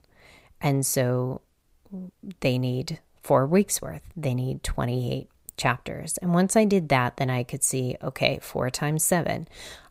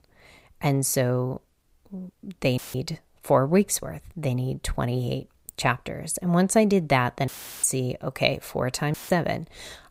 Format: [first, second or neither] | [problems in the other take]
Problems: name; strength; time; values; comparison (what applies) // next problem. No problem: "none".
first | audio cutting out; filled with static; at 2.5 s, at 7.5 s and at 9 s